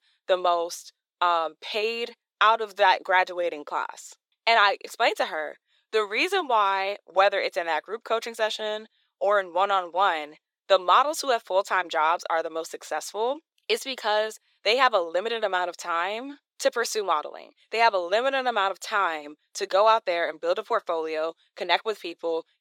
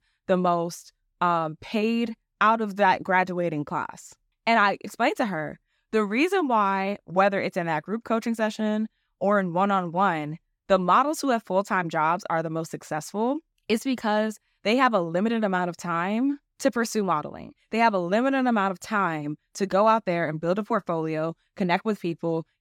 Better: second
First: thin; very; fading below 450 Hz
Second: none

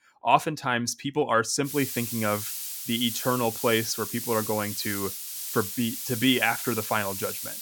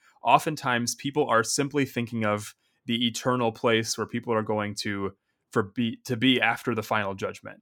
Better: second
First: hiss; loud; from 1.5 s on; 5 dB below the speech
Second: none

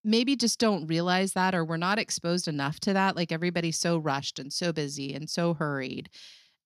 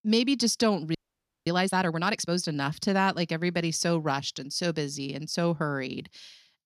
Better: first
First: none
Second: audio freezing; at 1 s for 0.5 s

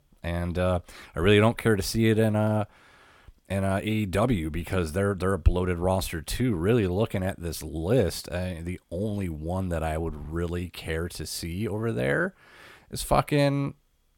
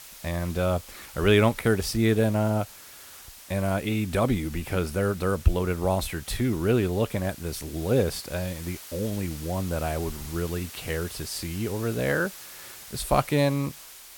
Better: first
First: none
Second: hiss; noticeable; throughout; 15 dB below the speech

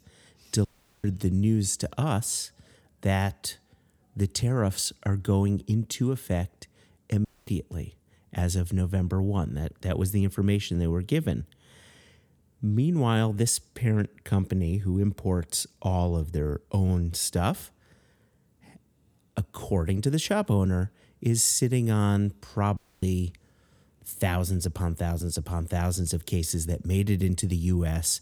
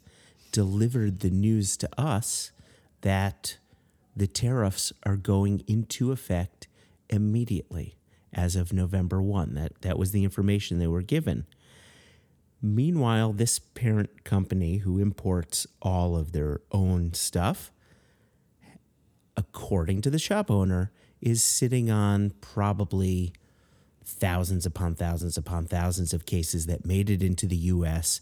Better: second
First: audio cutting out; at 0.5 s, at 7.5 s and at 23 s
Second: none

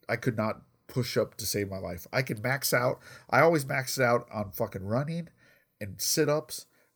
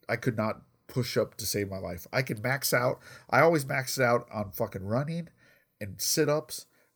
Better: neither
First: none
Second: none

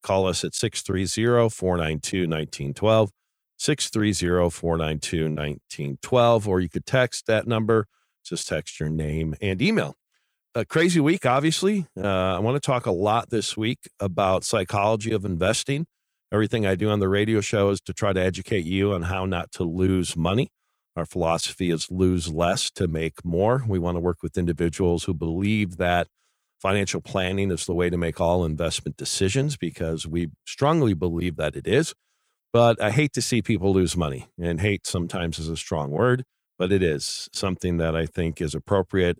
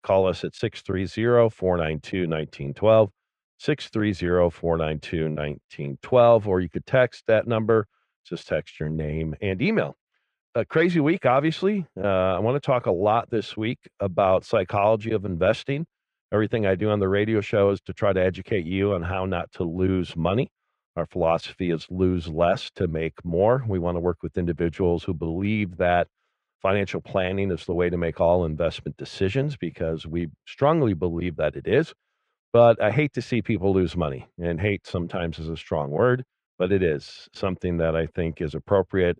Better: first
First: none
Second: muffled; very; fading above 2.5 kHz

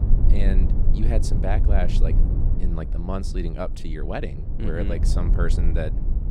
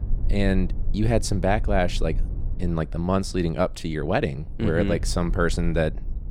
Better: second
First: low rumble; loud; throughout; 7 dB below the speech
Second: low rumble; faint; throughout; 20 dB below the speech

